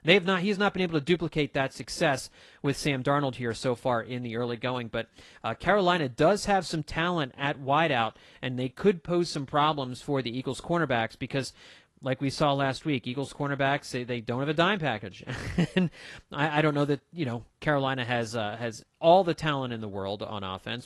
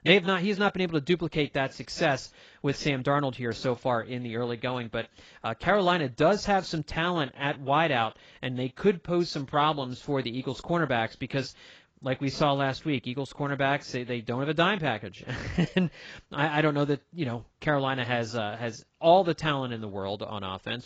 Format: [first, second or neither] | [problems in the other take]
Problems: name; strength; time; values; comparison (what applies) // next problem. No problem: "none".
first | garbled, watery; badly; nothing above 7.5 kHz; slightly in the first